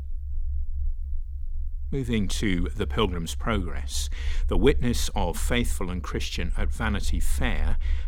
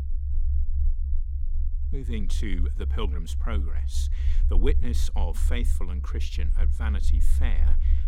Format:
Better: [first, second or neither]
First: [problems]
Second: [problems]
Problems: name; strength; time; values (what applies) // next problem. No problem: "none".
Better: first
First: low rumble; faint; throughout; 25 dB below the speech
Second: low rumble; loud; throughout; 10 dB below the speech